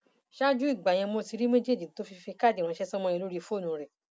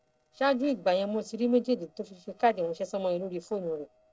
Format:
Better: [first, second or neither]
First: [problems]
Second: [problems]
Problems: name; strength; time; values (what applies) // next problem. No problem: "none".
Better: first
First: none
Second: noise reduction (neural separator model SepFormer DNS4)